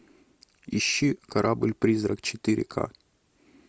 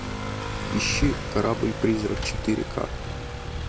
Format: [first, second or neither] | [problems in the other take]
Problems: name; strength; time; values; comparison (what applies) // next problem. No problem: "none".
first | background sound (Motorcycle / Accelerating, revving, vroom); 2 dB below the speech